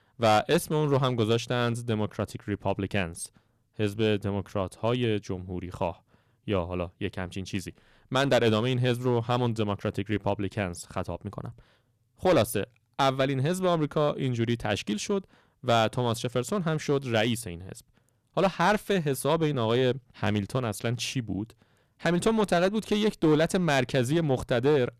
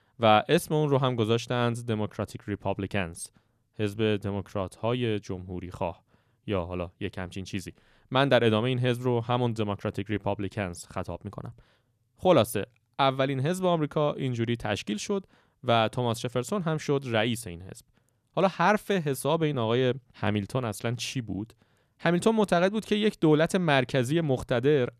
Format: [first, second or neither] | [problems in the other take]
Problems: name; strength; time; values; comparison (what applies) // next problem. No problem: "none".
second | distortion; slight; 4% of the sound clipped